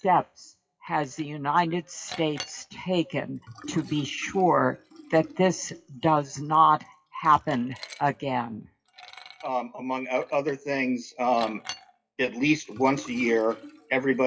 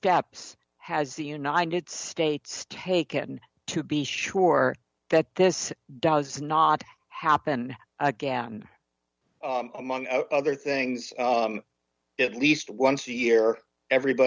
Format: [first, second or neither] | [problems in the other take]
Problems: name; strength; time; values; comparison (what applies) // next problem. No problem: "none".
second | noise reduction (classical method WPE with log-MMSE)